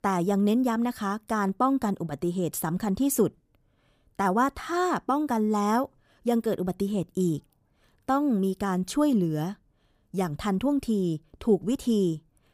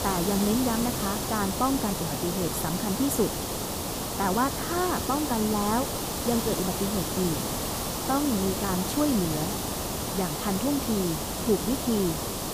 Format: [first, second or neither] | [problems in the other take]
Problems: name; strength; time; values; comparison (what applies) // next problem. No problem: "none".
first | hiss; loud; throughout; 1 dB below the speech